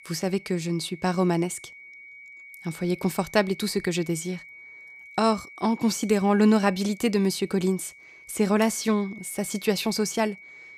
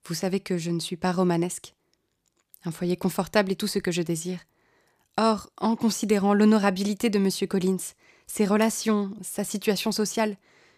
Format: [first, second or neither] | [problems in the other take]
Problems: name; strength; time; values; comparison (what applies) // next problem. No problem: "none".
second | high-pitched whine; noticeable; throughout; 2.5 kHz, 20 dB below the speech